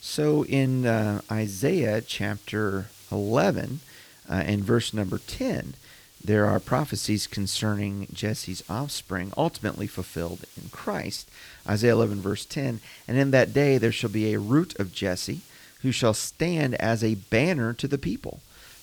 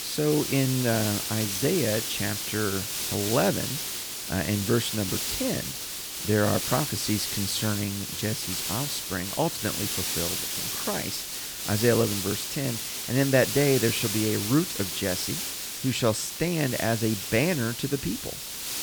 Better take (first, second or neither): first